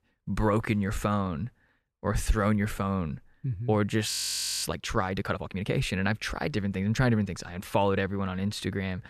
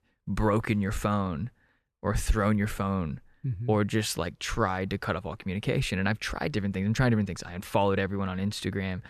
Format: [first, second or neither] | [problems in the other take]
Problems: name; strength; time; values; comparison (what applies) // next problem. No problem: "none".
second | audio freezing; at 4 s for 0.5 s